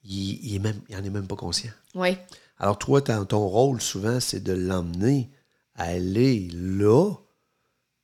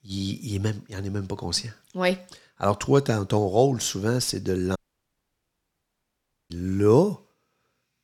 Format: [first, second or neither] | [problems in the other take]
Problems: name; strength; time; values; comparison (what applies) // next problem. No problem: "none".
first | audio cutting out; at 5 s for 1.5 s